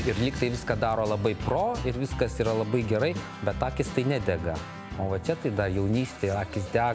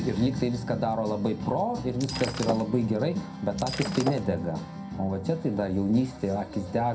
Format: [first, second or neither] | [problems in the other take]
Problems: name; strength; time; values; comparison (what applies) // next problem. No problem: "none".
first | background sound (Shatter); 9 dB below the speech // room echo; dies away in 0.3 s